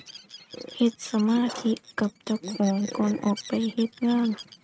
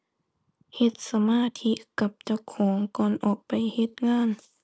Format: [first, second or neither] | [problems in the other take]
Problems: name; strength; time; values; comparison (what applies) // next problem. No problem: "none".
second | noise reduction (neural mask model RNNoise)